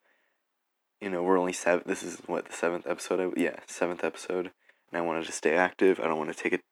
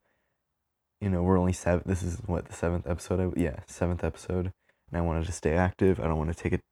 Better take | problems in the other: second | thin; somewhat; fading below 300 Hz

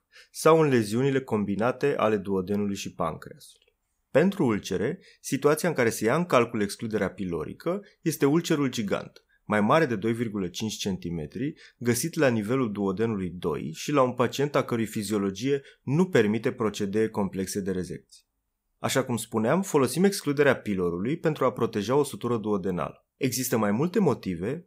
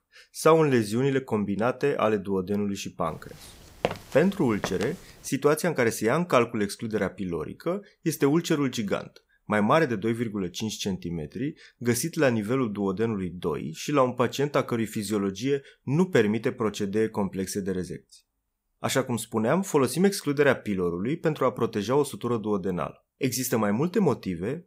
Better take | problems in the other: first | footsteps; noticeable; at 4 s; peak 5 dB below the speech

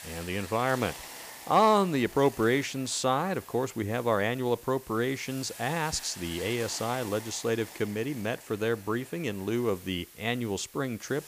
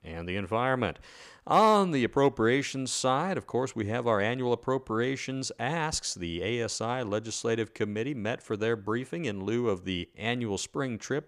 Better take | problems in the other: second | hiss; noticeable; throughout; 15 dB below the speech

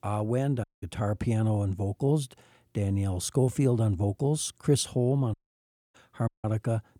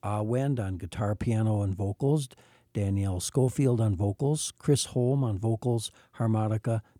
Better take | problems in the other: second | audio cutting out; at 0.5 s, at 5.5 s for 0.5 s and at 6.5 s

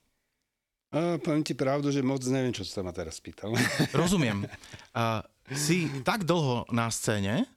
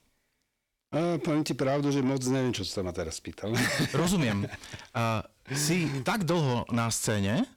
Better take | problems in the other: first | distortion; slight; 10 dB below the speech

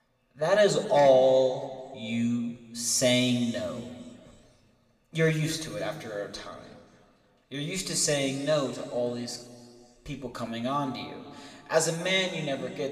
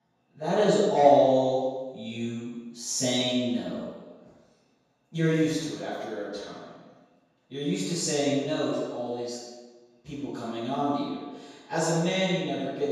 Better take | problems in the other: first | room echo; strong; dies away in 1.2 s; slight in the first // off-mic speech; far

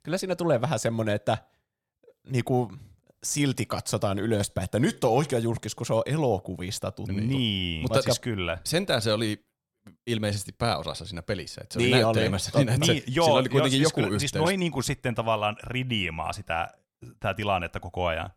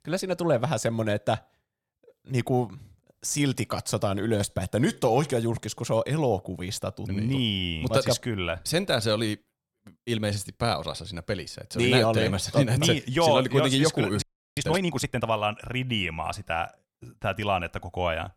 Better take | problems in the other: first | audio freezing; at 14 s

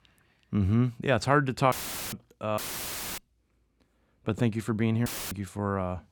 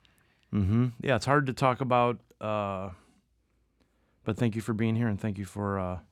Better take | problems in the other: second | audio cutting out; filled with static; at 1.5 s, at 2.5 s for 0.5 s and at 5 s

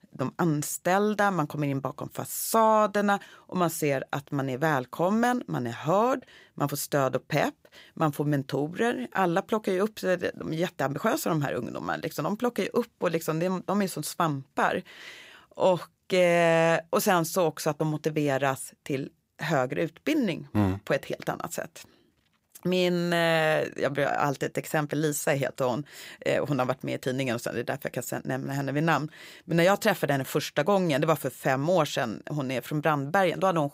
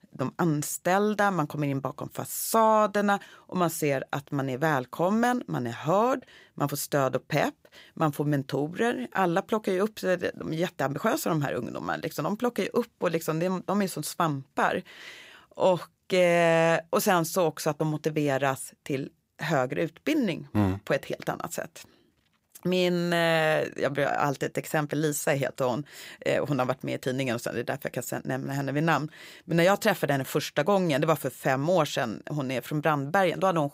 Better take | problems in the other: neither | none

